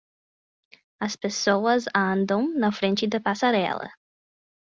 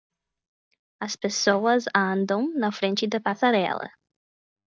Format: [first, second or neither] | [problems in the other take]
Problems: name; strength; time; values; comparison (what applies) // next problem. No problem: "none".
first | noise reduction (neural mask model DeepFilterNet 3)